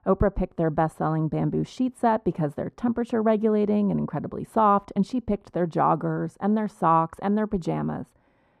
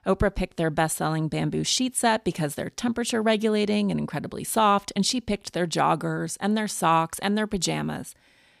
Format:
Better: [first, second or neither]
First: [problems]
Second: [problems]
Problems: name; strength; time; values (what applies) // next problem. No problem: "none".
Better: second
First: muffled; very; fading above 2 kHz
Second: none